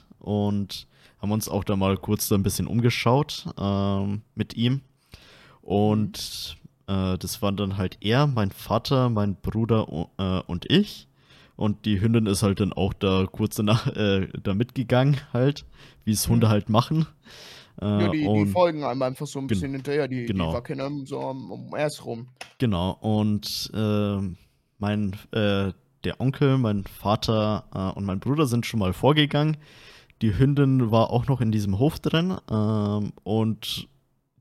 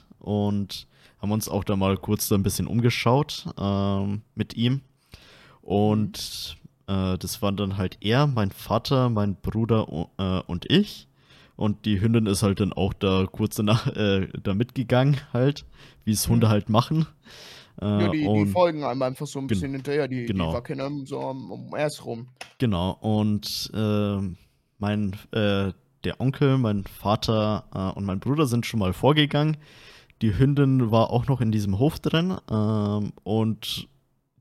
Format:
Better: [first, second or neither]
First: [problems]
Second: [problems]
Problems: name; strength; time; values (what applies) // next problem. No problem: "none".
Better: neither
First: none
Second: none